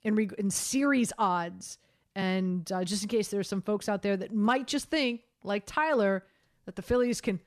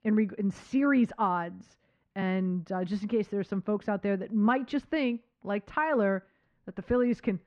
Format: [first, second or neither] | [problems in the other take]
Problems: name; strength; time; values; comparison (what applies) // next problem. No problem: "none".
first | muffled; very; fading above 2 kHz